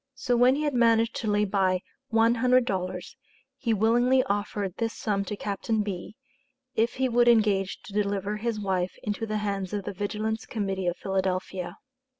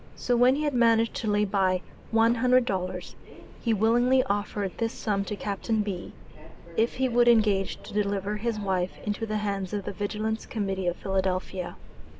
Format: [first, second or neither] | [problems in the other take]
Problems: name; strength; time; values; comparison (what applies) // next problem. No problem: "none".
first | background sound (Subway, metro, underground); 12 dB below the speech